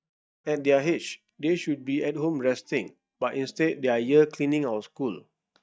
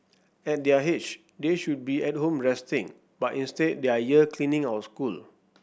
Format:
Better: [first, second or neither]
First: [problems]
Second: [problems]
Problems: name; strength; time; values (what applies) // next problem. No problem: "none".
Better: second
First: noise reduction (neural mask model DeepFilterNet 3)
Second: none